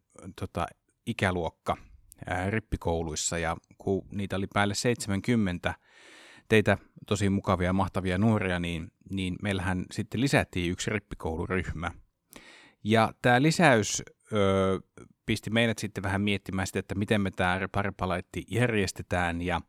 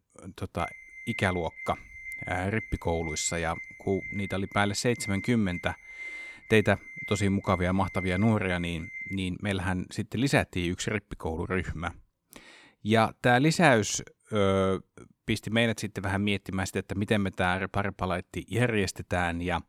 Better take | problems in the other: first | alarm; noticeable; from 0.5 to 9 s; peak 9 dB below the speech

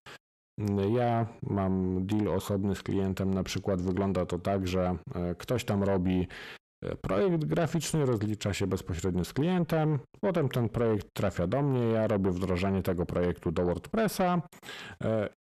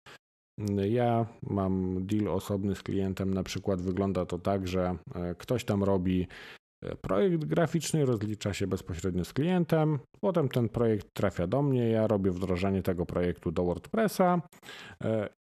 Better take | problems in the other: second | distortion; slight; 10 dB below the speech

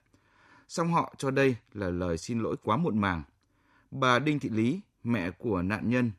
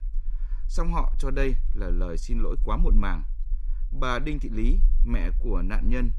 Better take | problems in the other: first | low rumble; faint; throughout; 25 dB below the speech

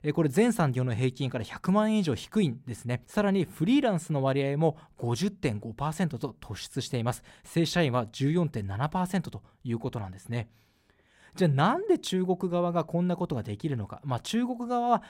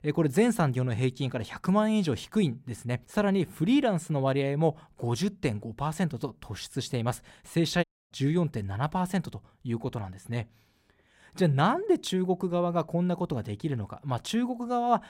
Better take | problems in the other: first | audio cutting out; at 8 s

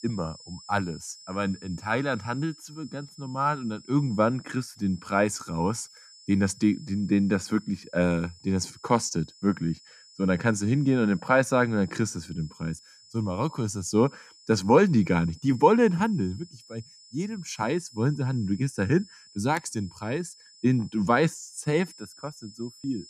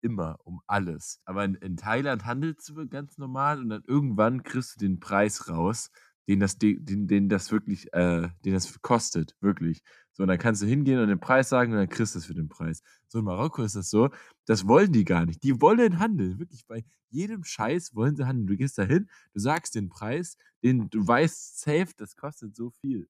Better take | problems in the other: second | high-pitched whine; faint; throughout; 5 kHz, 25 dB below the speech

